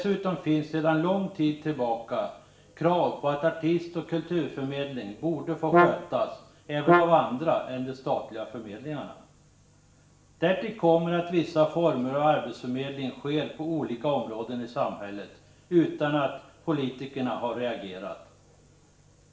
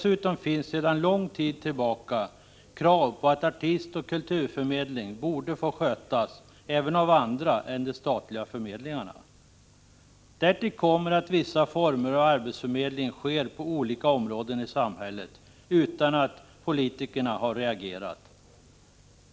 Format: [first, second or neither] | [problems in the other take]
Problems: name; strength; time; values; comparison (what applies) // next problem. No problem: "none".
second | background sound (Brass instrument); 3 dB above the speech // room echo; dies away in 0.6 s